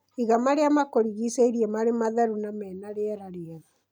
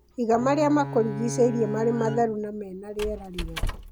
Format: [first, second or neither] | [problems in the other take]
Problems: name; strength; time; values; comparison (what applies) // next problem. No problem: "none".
first | background sound (Squeak + Bowed string instrument); 8 dB below the speech